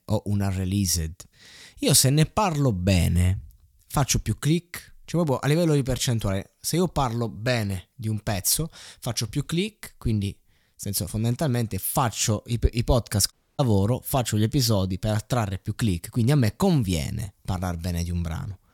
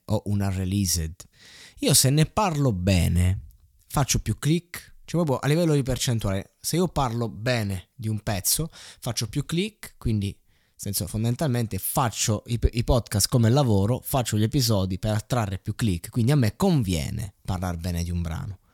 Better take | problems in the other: second | audio cutting out; at 13 s

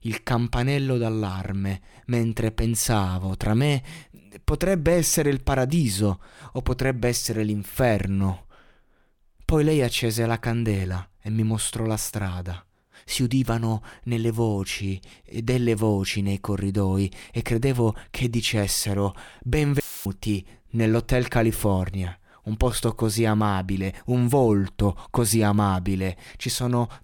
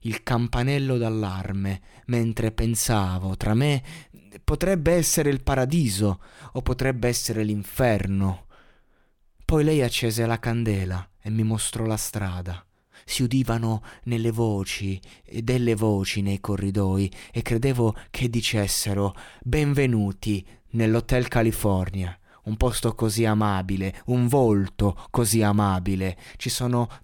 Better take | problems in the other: second | audio cutting out; filled with static; at 20 s

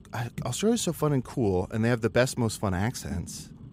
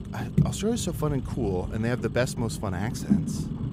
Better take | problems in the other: first | low rumble; loud; throughout; 7 dB below the speech; faint in the first

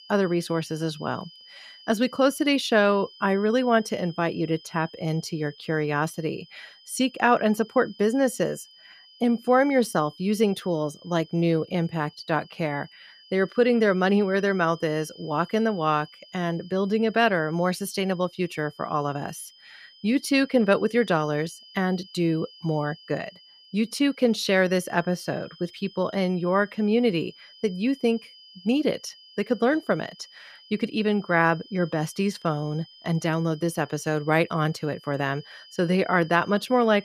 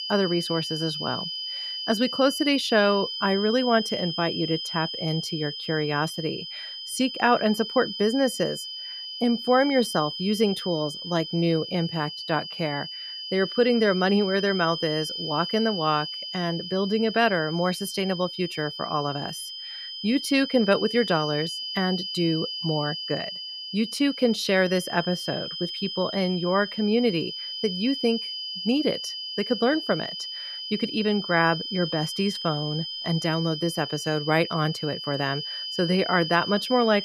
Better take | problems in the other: first | high-pitched whine; loud; throughout; 3 kHz, 6 dB below the speech; faint in the first

